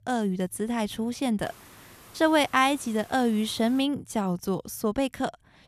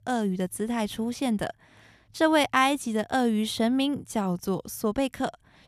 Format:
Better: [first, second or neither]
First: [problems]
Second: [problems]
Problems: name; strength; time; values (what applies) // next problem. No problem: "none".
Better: second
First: hiss; faint; from 1.5 to 4 s; 25 dB below the speech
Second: none